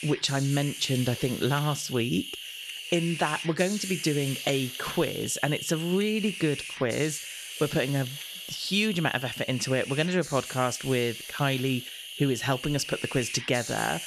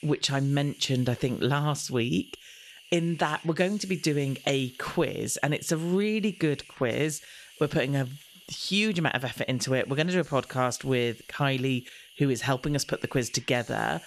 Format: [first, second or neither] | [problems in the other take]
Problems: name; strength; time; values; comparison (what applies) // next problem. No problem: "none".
second | hiss; loud; throughout; 8 dB below the speech; faint in the second